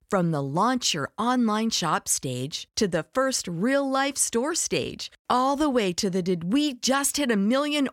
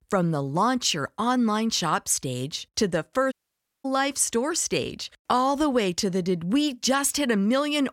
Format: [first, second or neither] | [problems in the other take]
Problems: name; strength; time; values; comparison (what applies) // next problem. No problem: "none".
first | audio cutting out; at 3.5 s for 0.5 s